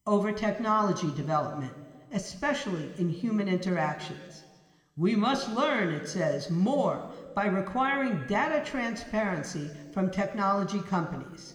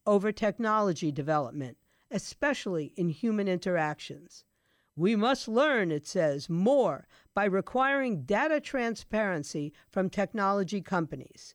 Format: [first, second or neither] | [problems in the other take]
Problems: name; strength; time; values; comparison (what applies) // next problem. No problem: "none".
second | room echo; slight; dies away in 1.3 s